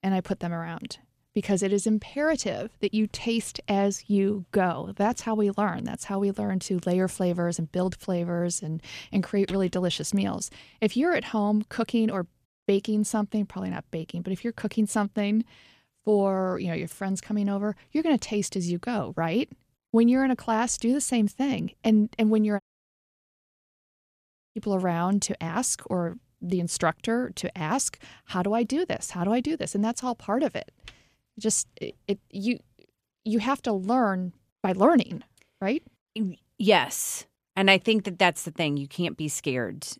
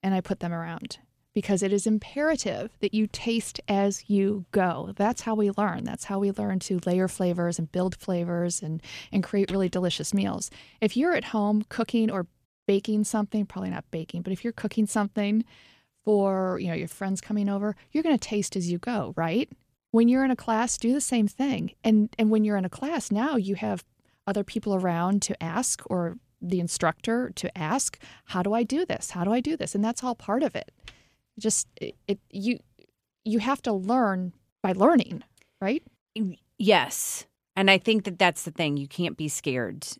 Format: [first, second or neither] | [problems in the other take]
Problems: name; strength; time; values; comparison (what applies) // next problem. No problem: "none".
second | audio cutting out; at 23 s for 2 s